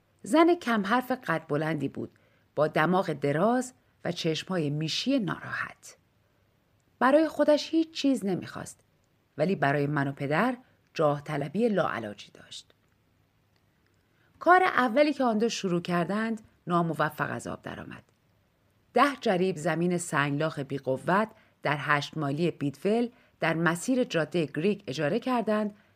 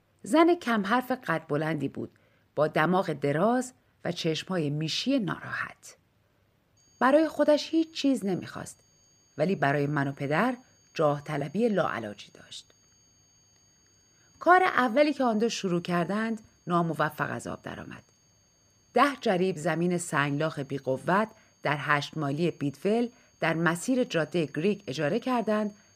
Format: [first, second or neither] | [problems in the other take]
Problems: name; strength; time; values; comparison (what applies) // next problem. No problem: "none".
first | high-pitched whine; faint; from 7 s on; 6.5 kHz, 35 dB below the speech